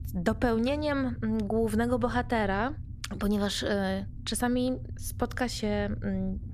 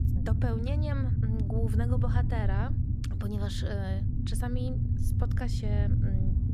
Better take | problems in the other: first | low rumble; loud; throughout; 3 dB below the speech; faint in the first

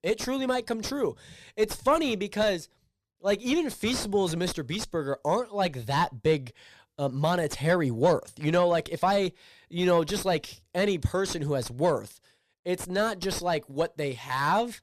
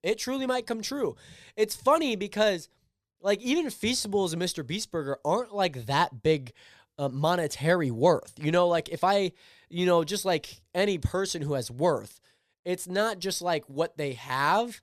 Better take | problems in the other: second | distortion; slight; 9 dB below the speech

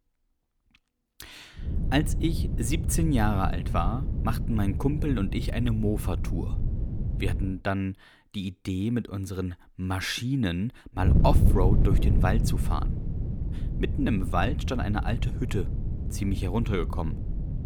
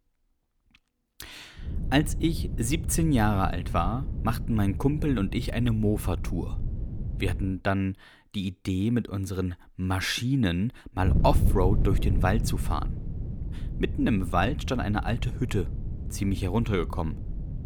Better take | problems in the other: second | wind noise on the microphone; heavy; from 1.5 to 7.5 s and from 11 s on; 9 dB below the speech; occasional gusts in the second

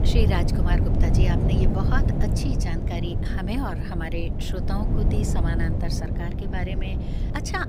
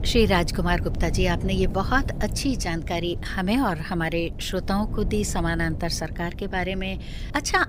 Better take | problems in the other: second | wind noise on the microphone; heavy; 2 dB below the speech; occasional gusts in the second

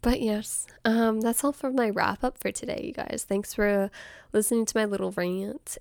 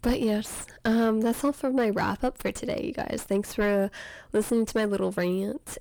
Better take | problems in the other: first | distortion; slight; 9 dB below the speech

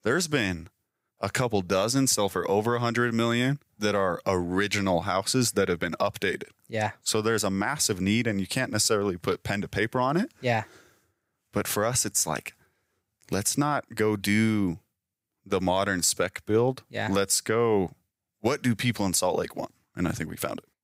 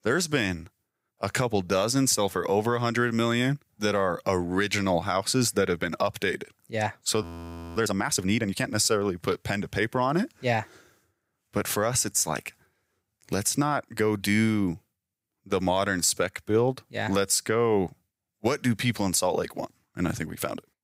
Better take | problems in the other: first | audio freezing; at 7 s for 0.5 s

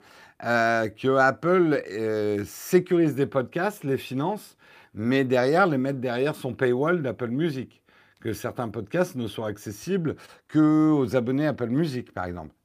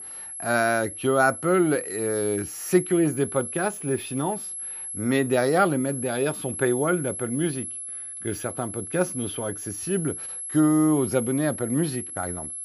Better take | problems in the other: first | high-pitched whine; loud; throughout; 11 kHz, 7 dB below the speech

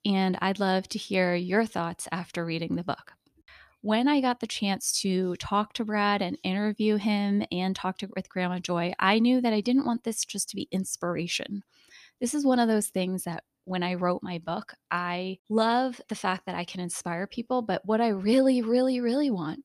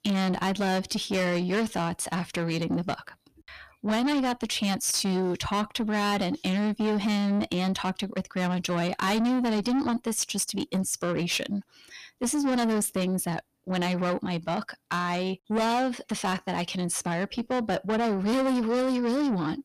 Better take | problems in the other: first | distortion; heavy; 7 dB below the speech

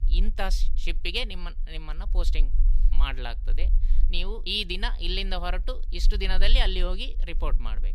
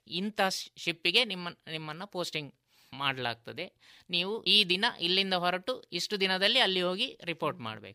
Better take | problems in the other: second | low rumble; faint; throughout; 25 dB below the speech

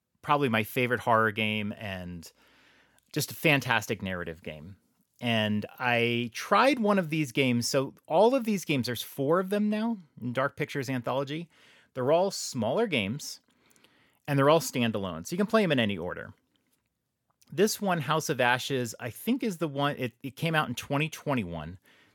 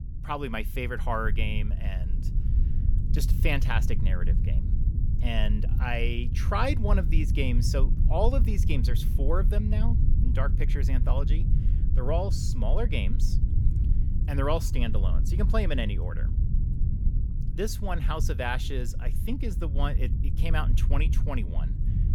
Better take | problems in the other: first | low rumble; noticeable; throughout; 10 dB below the speech

